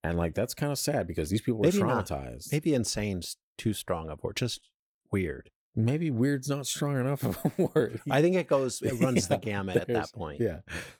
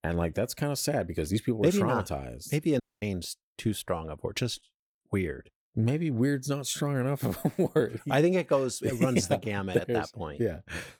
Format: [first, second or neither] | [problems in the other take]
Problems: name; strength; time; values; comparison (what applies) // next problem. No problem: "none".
first | audio cutting out; at 3 s